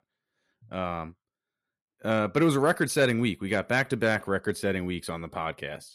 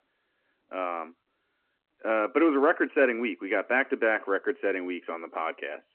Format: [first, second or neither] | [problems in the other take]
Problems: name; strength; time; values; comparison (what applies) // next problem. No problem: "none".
first | phone-call audio